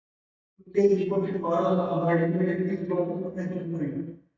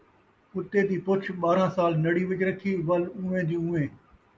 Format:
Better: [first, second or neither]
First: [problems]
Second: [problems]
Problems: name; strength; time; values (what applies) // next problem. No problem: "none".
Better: second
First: noise reduction (neural mask model DeepFilterNet 3)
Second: none